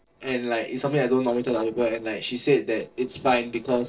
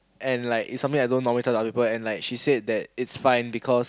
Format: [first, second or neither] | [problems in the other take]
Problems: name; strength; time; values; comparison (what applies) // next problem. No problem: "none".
second | noise reduction (neural separator model SepFormer DNS4)